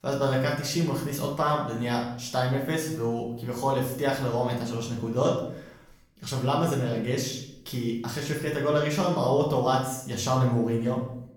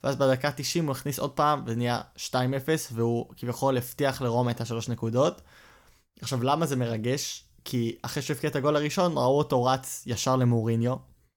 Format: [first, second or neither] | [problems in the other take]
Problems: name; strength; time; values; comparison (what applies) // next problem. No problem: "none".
second | room echo; noticeable; dies away in 0.6 s // off-mic speech; far